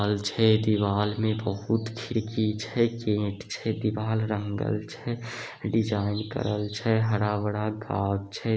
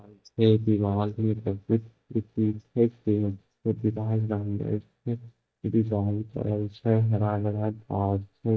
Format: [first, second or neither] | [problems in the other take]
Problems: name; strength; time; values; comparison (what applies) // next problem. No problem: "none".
first | noise reduction (neural mask model DeepFilterNet 3)